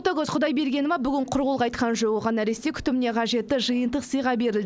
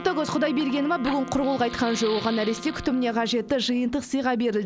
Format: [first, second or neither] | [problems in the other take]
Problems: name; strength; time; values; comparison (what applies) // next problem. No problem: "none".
first | background sound (Fire + Wind instrument, woodwind instrument); 14 dB below the speech